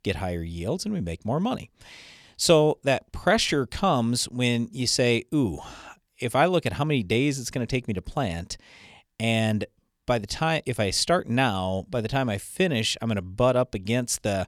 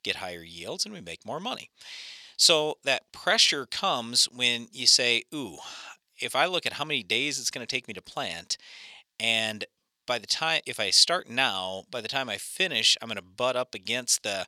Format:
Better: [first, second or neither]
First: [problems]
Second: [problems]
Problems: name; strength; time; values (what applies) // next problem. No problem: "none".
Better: first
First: none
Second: thin; somewhat; fading below 1 kHz